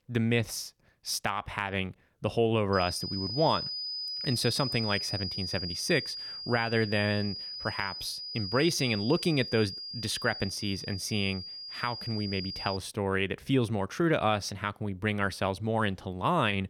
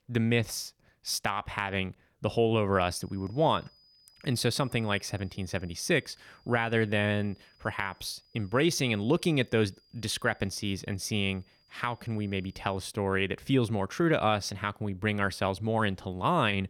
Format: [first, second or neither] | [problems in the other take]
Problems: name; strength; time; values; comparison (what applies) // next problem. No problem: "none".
second | high-pitched whine; loud; from 2.5 to 13 s; 5 kHz, 5 dB below the speech; faint in the second